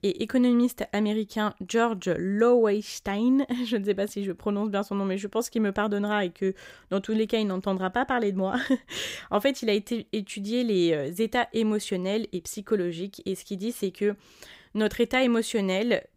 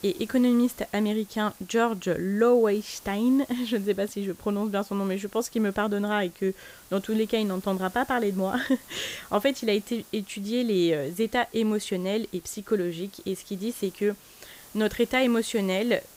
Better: first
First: none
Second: hiss; faint; throughout; 20 dB below the speech

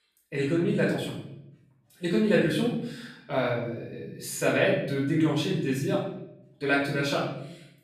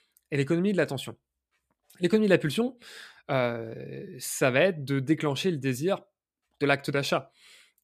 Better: second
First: off-mic speech; far // room echo; noticeable; dies away in 0.7 s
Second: none

